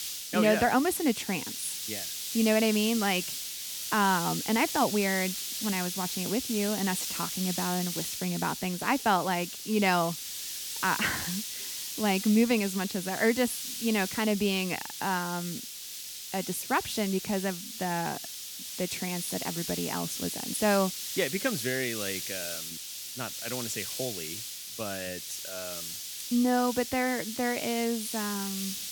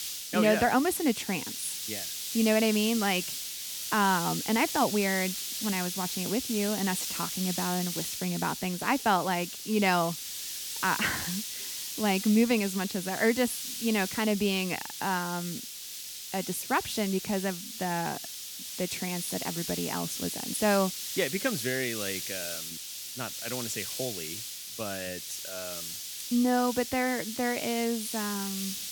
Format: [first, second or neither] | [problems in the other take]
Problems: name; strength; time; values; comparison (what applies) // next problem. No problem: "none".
neither | hiss; loud; throughout; 5 dB below the speech; the same in both